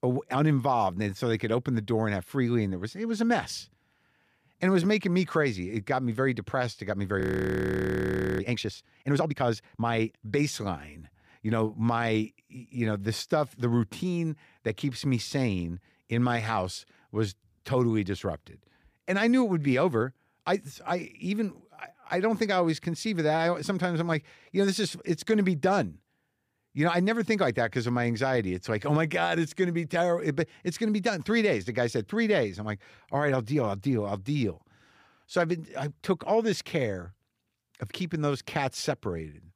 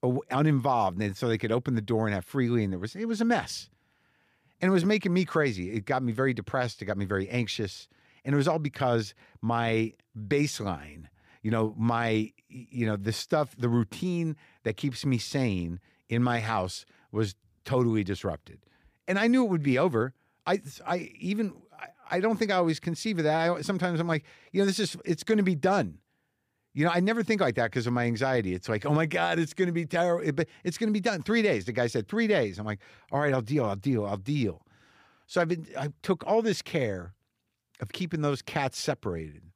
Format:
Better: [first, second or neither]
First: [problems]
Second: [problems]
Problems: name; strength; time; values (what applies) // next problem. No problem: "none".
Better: second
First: audio freezing; at 7 s for 1 s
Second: none